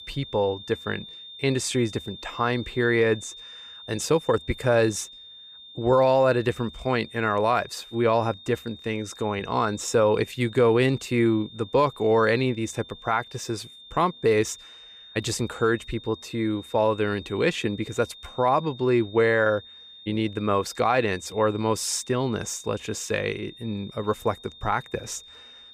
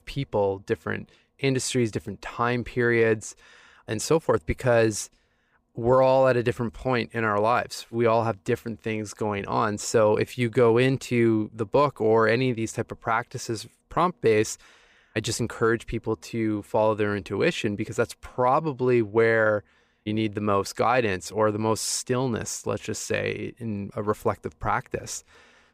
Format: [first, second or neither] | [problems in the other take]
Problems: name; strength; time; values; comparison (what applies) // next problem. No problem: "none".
second | high-pitched whine; noticeable; throughout; 3.5 kHz, 20 dB below the speech